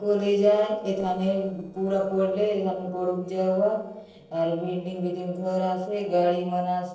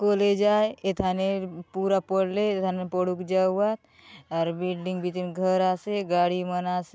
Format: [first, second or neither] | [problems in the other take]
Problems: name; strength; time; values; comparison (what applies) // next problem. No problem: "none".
second | noise reduction (neural separator model SepFormer DNS4)